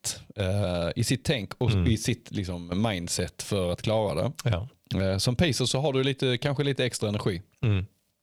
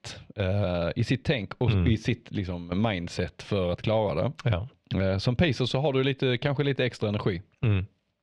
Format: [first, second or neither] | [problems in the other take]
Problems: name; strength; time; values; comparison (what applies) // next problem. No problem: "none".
first | muffled; slightly; fading above 3 kHz